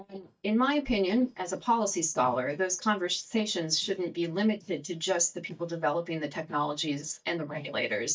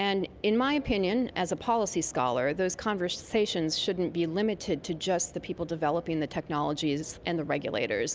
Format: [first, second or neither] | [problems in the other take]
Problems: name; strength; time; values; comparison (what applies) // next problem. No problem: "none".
second | noise reduction (neural mask model DeepFilterNet 3)